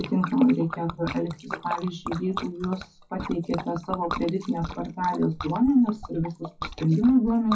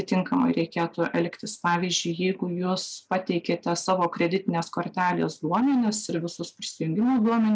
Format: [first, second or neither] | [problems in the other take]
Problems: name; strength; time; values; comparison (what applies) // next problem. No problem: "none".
second | noise reduction (classical method WPE with log-MMSE)